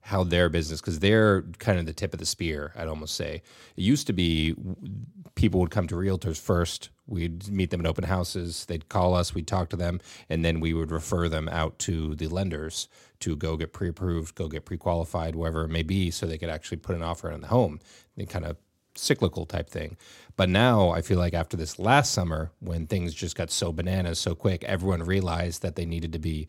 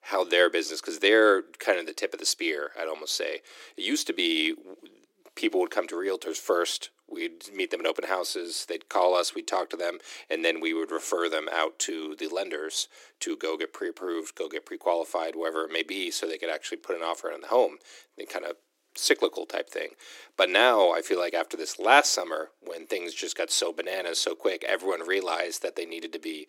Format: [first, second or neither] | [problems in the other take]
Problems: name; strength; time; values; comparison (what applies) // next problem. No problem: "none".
first | thin; very; fading below 300 Hz